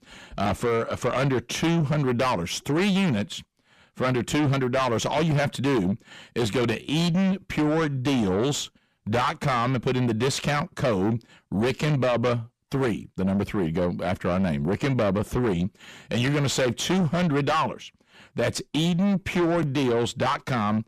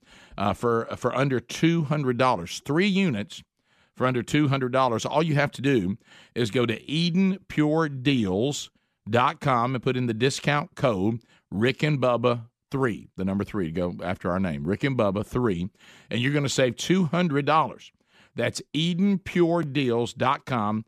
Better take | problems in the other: second | distortion; heavy; 6 dB below the speech

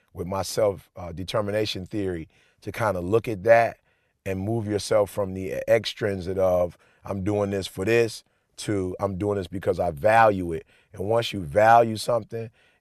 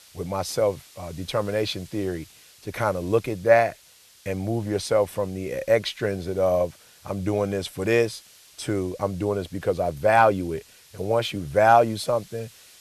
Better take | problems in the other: first | hiss; faint; throughout; 25 dB below the speech

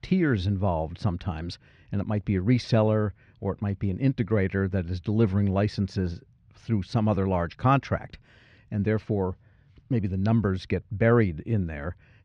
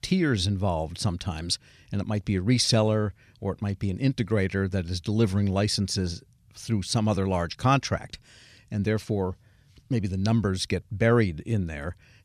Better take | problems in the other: second | muffled; slightly; fading above 2 kHz

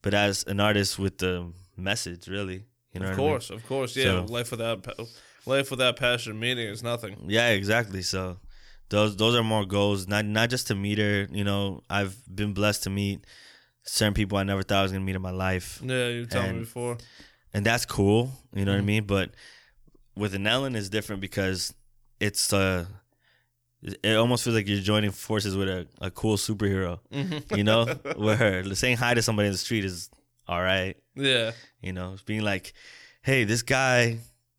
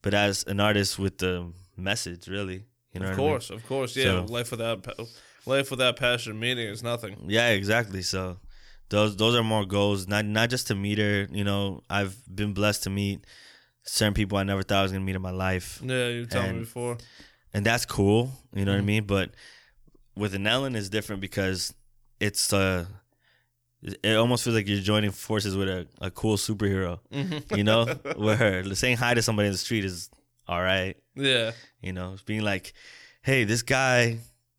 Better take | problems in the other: neither | none

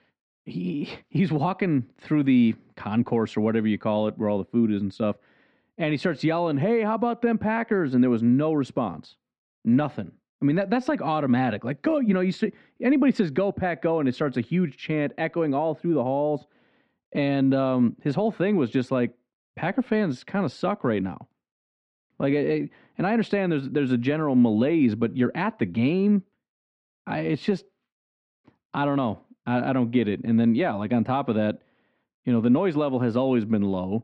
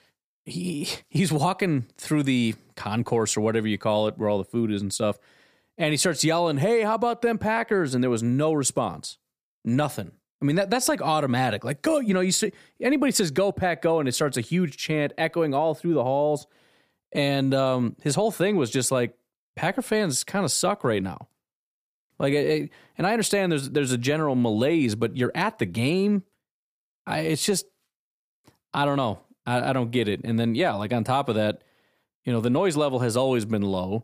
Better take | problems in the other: second | muffled; very; fading above 3 kHz

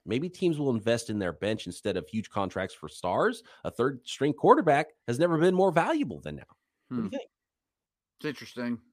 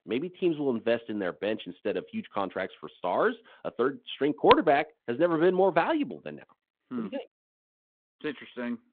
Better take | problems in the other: first | phone-call audio; nothing above 4 kHz

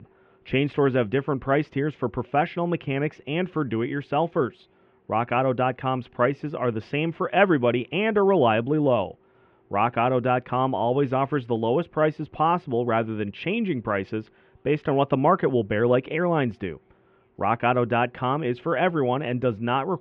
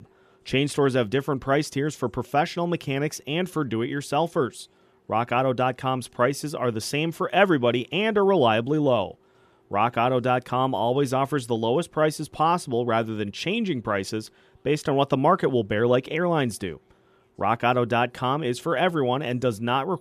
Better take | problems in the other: second | muffled; very; fading above 2.5 kHz

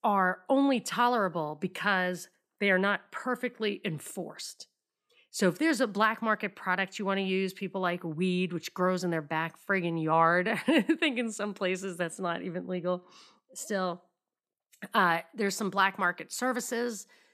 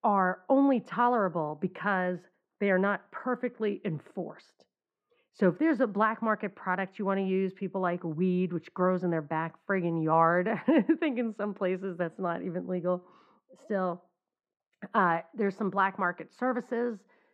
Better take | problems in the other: first | muffled; very; fading above 4 kHz

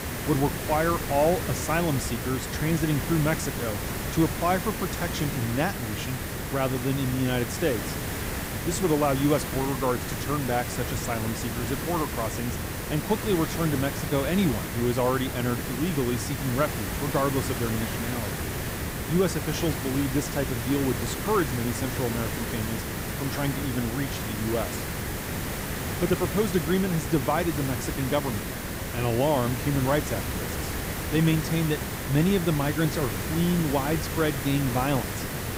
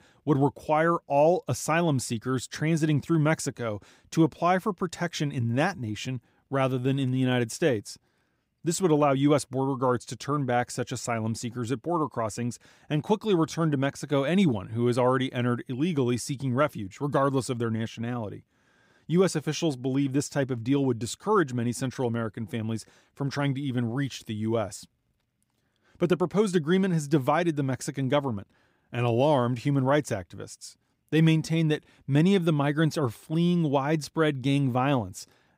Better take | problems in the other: second | hiss; loud; throughout; 3 dB below the speech

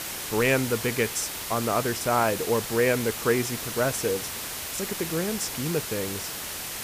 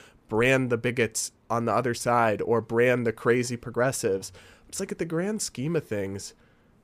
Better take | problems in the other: second | hiss; loud; throughout; 5 dB below the speech

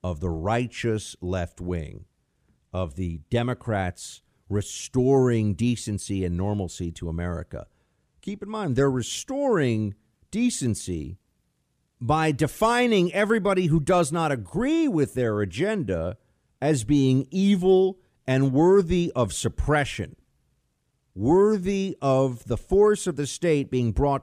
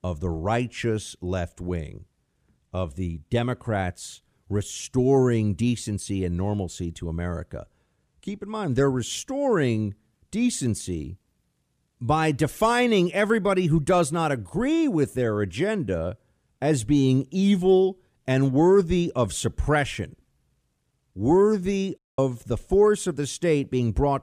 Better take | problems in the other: first | audio cutting out; at 22 s

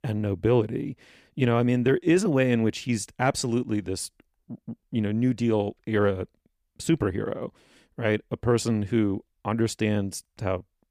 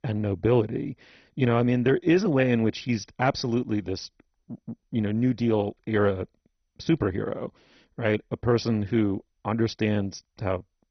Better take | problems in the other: first | garbled, watery; badly; nothing above 6 kHz

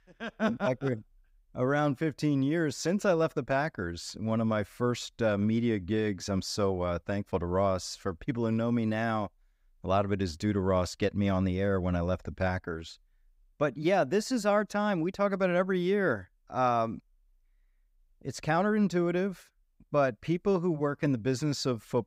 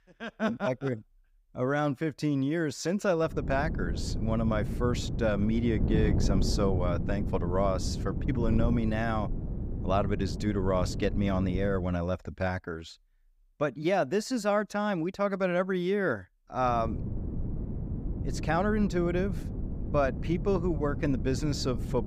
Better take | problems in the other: first | wind noise on the microphone; occasional gusts; from 3.5 to 12 s and from 17 s on; 10 dB below the speech

